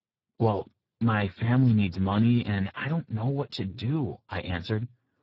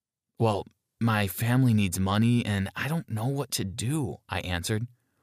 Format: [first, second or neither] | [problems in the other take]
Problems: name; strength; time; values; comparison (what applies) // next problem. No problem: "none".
second | garbled, watery; badly